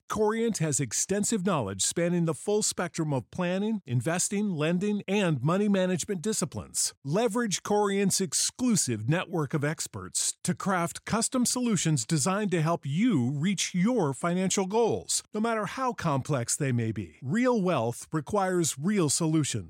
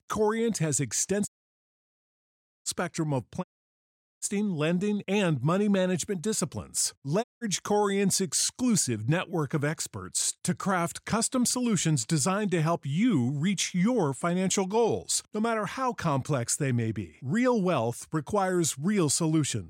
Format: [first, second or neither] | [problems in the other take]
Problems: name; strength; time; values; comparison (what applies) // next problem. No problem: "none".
first | audio cutting out; at 1.5 s for 1.5 s, at 3.5 s for 1 s and at 7 s